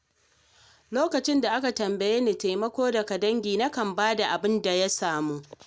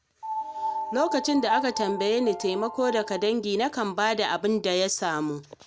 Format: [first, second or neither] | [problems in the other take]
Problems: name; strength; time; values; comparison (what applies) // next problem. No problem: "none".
first | background sound (Piano); 6 dB below the speech